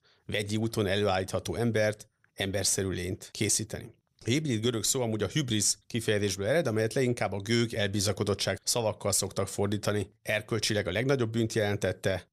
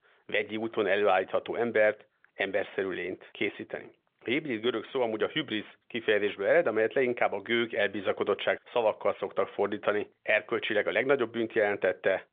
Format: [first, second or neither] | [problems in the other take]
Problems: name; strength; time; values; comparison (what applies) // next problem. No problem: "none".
first | phone-call audio; nothing above 3.5 kHz